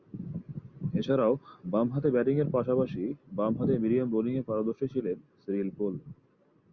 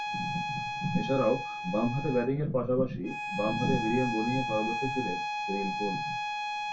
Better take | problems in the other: first | background sound (Bowed string instrument); 3 dB below the speech // room echo; dies away in 0.2 s

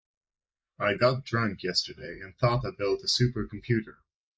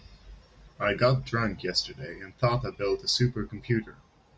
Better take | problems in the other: second | noise reduction (neural mask model Resemble Enhance denoiser)

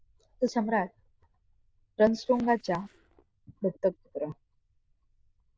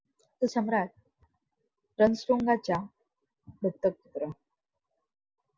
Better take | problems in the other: second | noise reduction (neural diffusion model UNIVERSE++)

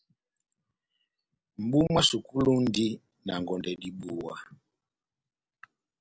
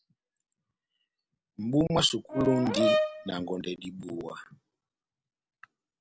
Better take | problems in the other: first | background sound (Brass instrument); 2 dB above the speech

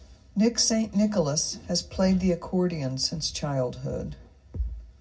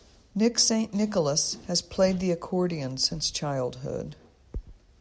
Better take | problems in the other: second | room echo; dies away in 0.4 s

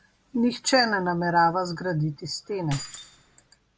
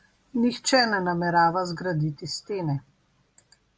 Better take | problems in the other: second | background sound (Keys jangling); 16 dB below the speech

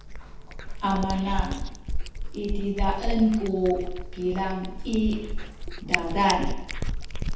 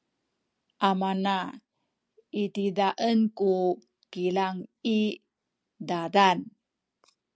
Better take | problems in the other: second | background sound (Cat); 1 dB below the speech // room echo; dies away in 0.8 s

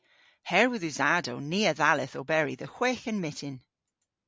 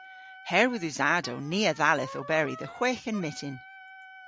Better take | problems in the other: first | background sound (Wind instrument, woodwind instrument); 17 dB below the speech

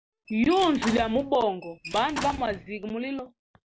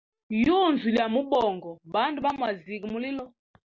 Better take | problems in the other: second | background sound (Squeak / Slam / Wood); 11 dB below the speech

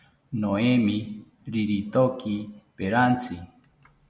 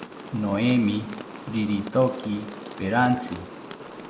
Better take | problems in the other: first | background sound (Rain); 13 dB below the speech

